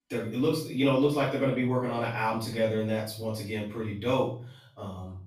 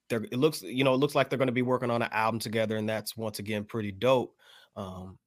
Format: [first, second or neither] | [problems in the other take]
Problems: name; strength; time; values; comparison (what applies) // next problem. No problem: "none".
second | off-mic speech; far // room echo; noticeable; dies away in 0.5 s